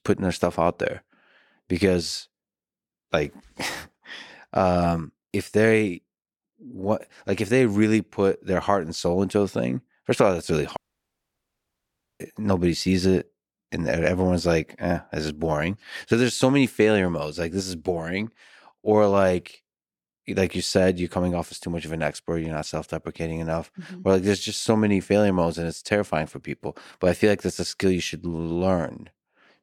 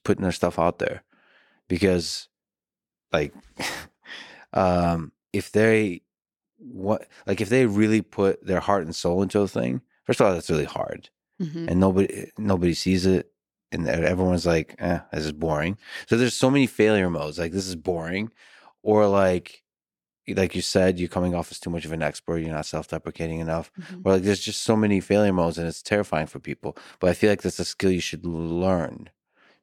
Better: second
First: audio cutting out; at 11 s for 1.5 s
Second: none

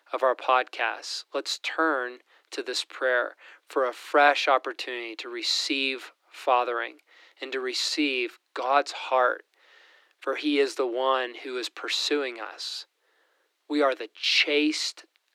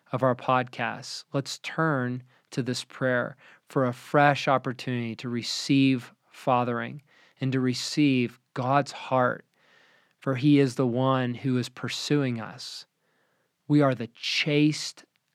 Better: second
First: thin; somewhat; fading below 300 Hz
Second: none

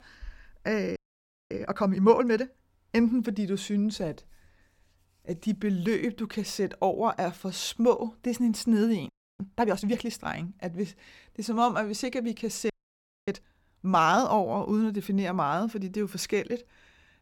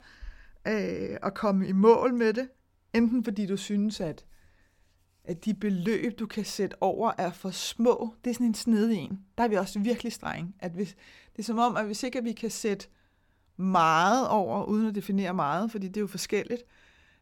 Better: second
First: audio freezing; at 1 s for 0.5 s, at 9 s and at 13 s for 0.5 s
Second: none

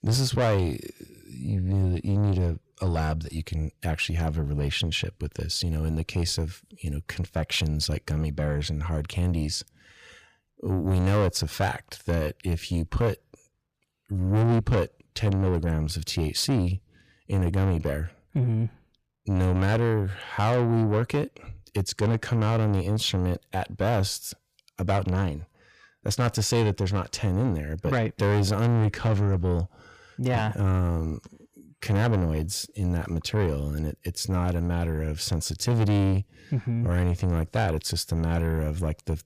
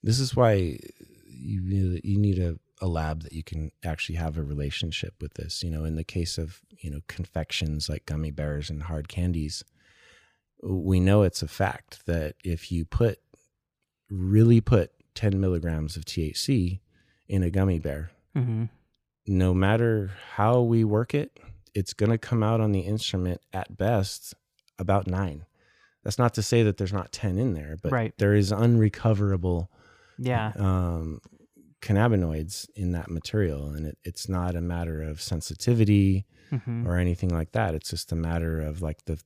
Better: second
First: distortion; heavy; 8 dB below the speech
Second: none

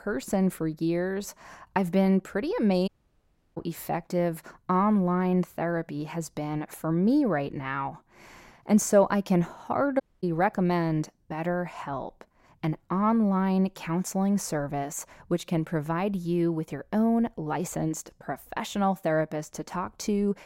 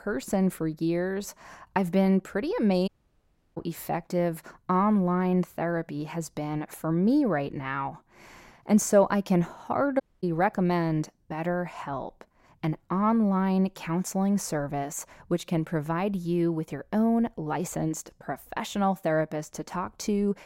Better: neither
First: audio cutting out; at 3 s for 0.5 s and at 10 s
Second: audio cutting out; at 3 s for 0.5 s and at 10 s

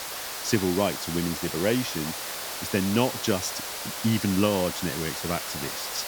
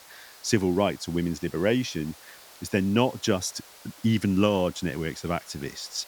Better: second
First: hiss; loud; throughout; 4 dB below the speech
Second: hiss; faint; throughout; 20 dB below the speech

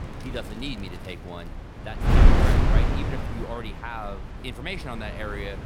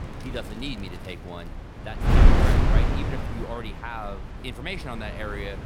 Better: neither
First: wind noise on the microphone; heavy; 3 dB above the speech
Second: wind noise on the microphone; heavy; 3 dB above the speech

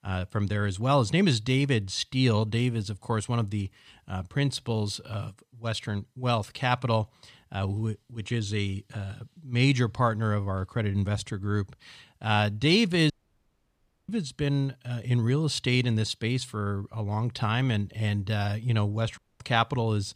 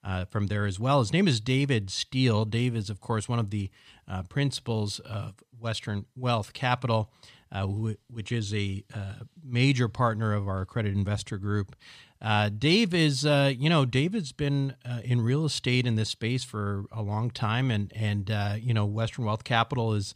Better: second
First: audio cutting out; at 13 s for 1 s and at 19 s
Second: none

